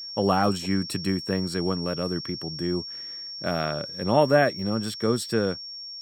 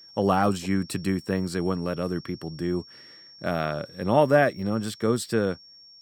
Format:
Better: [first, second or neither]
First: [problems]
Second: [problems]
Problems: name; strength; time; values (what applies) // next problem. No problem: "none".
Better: second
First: high-pitched whine; loud; throughout; 5.5 kHz, 8 dB below the speech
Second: high-pitched whine; faint; throughout; 5.5 kHz, 20 dB below the speech